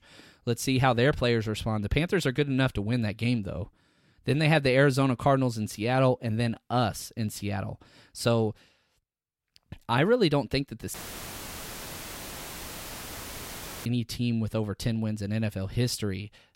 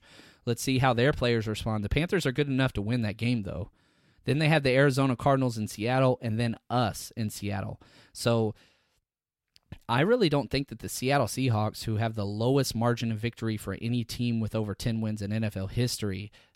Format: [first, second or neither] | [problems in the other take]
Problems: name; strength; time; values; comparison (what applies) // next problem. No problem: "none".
second | audio cutting out; filled with static; at 11 s for 3 s